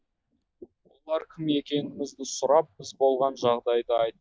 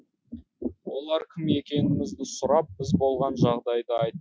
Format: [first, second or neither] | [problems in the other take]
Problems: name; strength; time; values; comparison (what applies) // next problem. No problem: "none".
second | noise reduction (neural mask model DeepFilterNet 3)